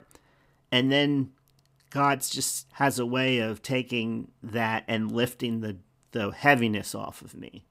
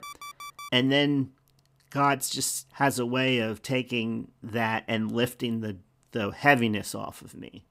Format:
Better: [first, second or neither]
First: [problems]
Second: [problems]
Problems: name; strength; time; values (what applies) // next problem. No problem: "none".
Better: first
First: none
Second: alarm; faint; at the start; peak 15 dB below the speech